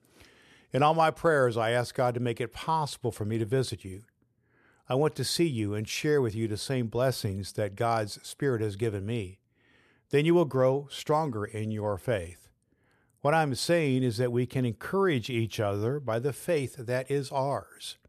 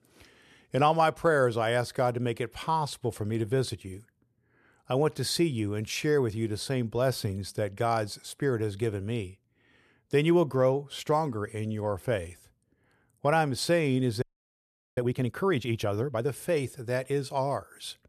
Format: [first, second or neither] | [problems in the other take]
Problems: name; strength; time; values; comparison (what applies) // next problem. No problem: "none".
first | audio freezing; at 14 s for 1 s